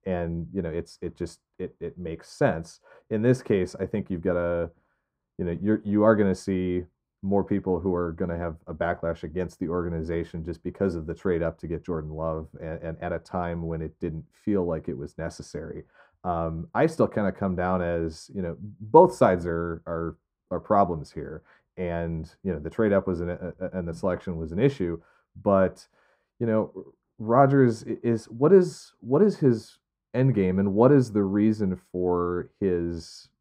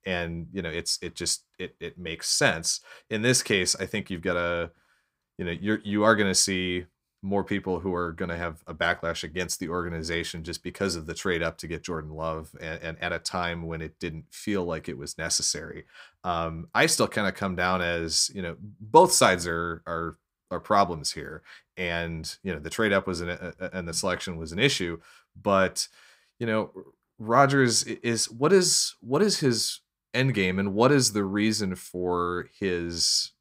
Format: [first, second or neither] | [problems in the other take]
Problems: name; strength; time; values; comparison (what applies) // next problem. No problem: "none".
second | muffled; very; fading above 1.5 kHz